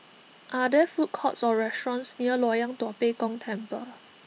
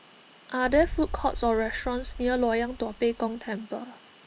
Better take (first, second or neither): first